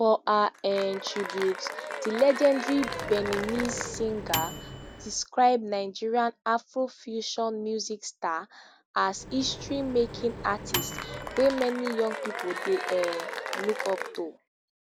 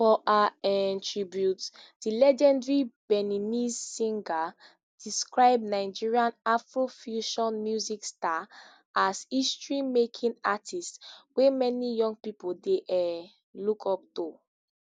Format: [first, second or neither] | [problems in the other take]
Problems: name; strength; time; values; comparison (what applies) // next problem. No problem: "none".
second | background sound (Applause / Cheering + Microwave oven); 7 dB below the speech